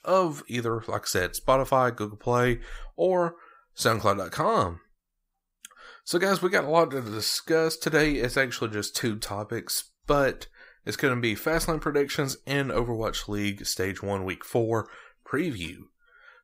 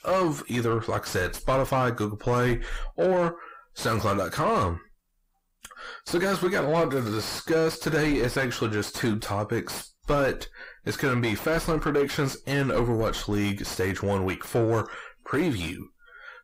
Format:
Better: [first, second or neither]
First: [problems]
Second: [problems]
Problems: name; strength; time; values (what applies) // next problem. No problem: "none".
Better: first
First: none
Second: distortion; heavy; 6 dB below the speech